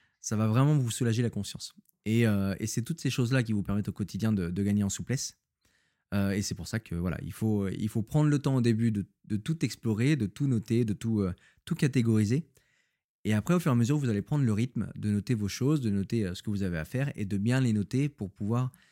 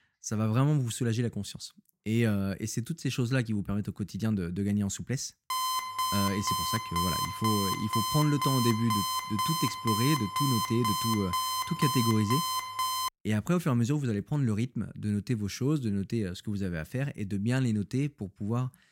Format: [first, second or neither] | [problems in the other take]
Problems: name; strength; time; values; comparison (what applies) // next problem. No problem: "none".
first | alarm; loud; from 5.5 to 13 s; peak 1 dB above the speech